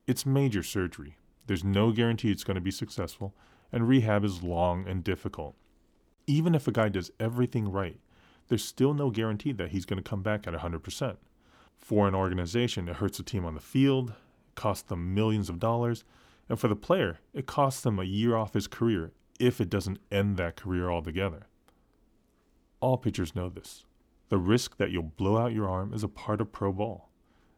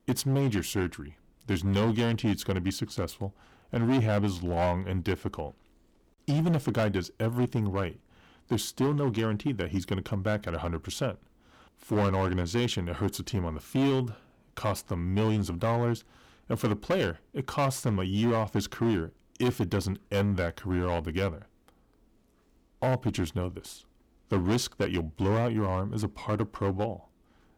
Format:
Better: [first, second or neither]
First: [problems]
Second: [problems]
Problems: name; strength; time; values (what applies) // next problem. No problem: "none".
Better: first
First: none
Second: distortion; slight; 8% of the sound clipped